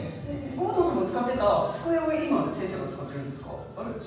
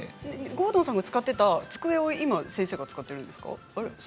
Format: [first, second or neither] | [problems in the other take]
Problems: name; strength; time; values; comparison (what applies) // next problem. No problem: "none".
second | room echo; dies away in 1.2 s